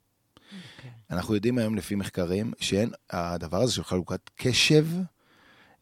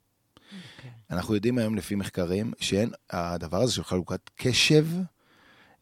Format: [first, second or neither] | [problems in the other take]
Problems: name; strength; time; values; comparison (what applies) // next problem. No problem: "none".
neither | none